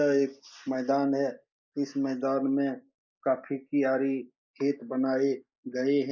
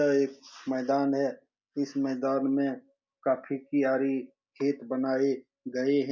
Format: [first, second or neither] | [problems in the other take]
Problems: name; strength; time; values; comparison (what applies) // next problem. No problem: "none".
second | noise reduction (neural mask model Resemble Enhance denoiser)